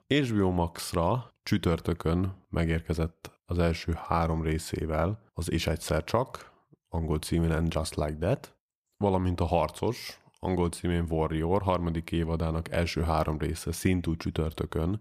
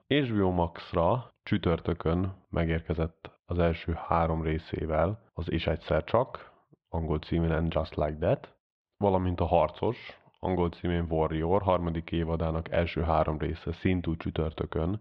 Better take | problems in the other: first | muffled; very; fading above 3.5 kHz

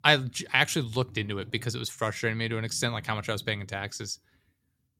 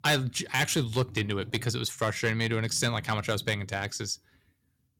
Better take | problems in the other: first | distortion; heavy; 3% of the sound clipped

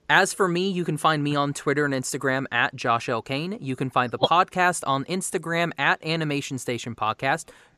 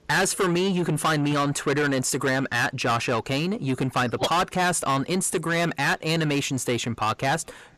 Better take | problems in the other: first | distortion; heavy; 6 dB below the speech

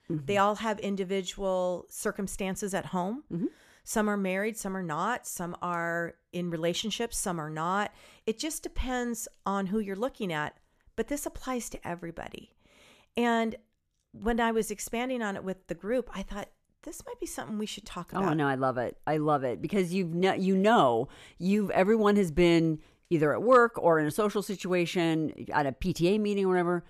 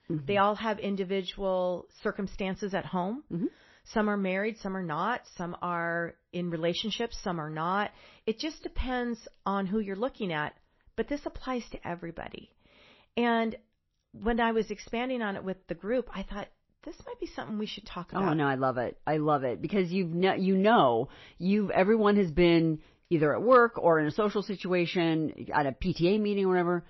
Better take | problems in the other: first | garbled, watery; slightly; nothing above 5.5 kHz

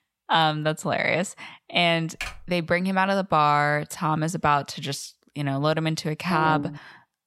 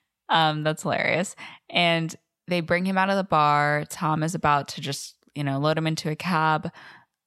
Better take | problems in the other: second | keyboard typing; faint; at 2 s; peak 10 dB below the speech // phone ringing; noticeable; at 6.5 s; peak 6 dB below the speech

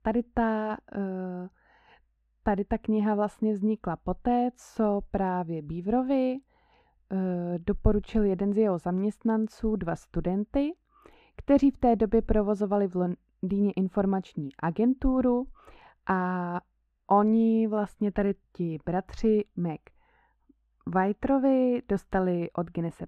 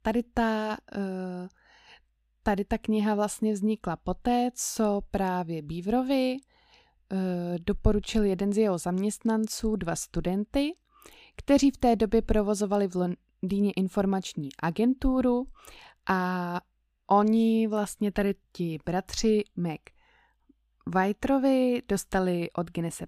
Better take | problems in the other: second | muffled; very; fading above 3 kHz

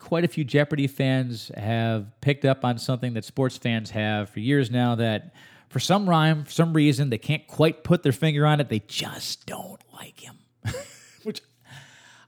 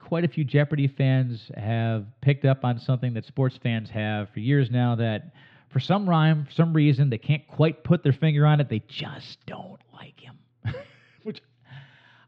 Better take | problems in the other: first | muffled; slightly; fading above 3.5 kHz

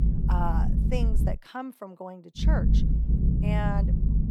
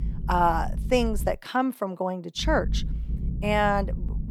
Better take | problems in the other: second | low rumble; loud; until 1.5 s and from 2.5 s on; 4 dB below the speech; faint in the second

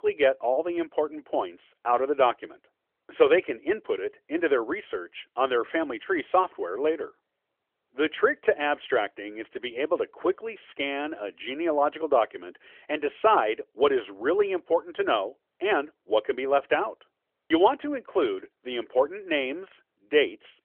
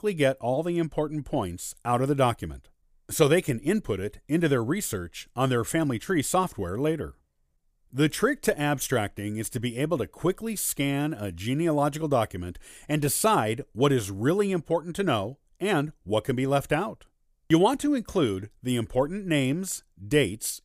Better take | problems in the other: second | phone-call audio; nothing above 3.5 kHz

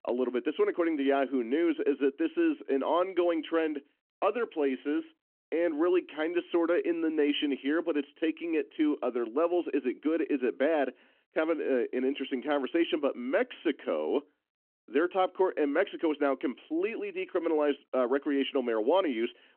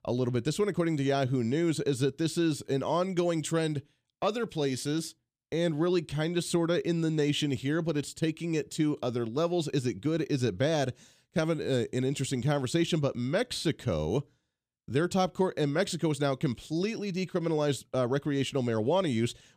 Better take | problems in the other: second | phone-call audio

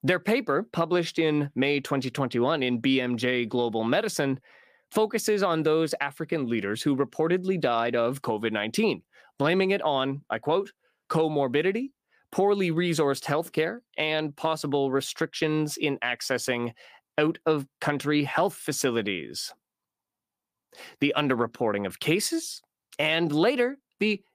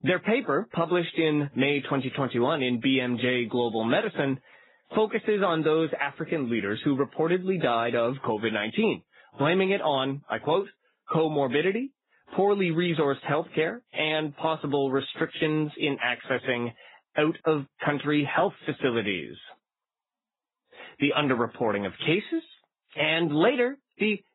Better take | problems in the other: first | garbled, watery; badly; nothing above 4 kHz

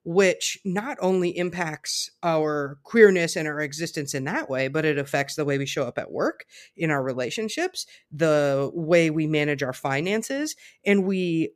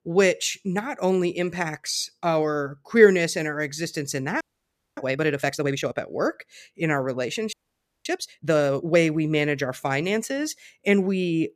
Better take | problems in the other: first | audio freezing; at 4.5 s for 0.5 s and at 7.5 s for 0.5 s

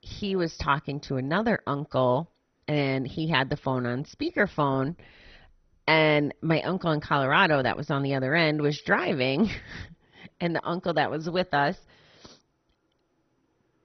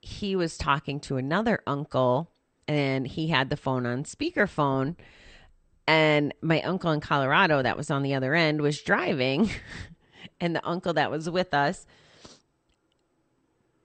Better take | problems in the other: second | garbled, watery; badly; nothing above 6 kHz; slightly in the second

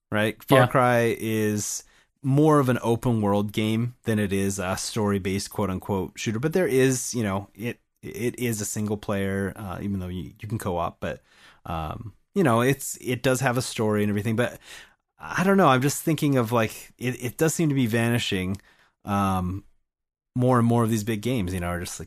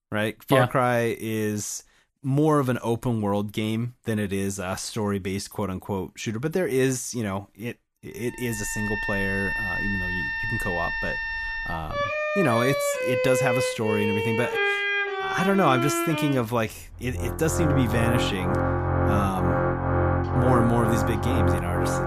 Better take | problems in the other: first | background music; very loud; from 8.5 s on; 1 dB above the speech

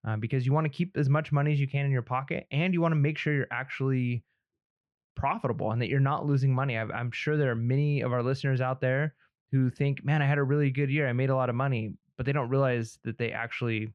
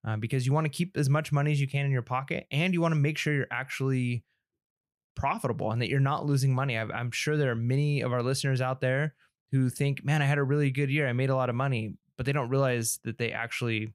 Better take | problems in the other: second | muffled; slightly; fading above 2.5 kHz

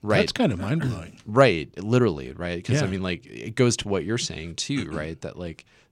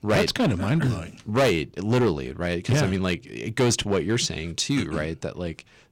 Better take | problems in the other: first | distortion; heavy; 7% of the sound clipped

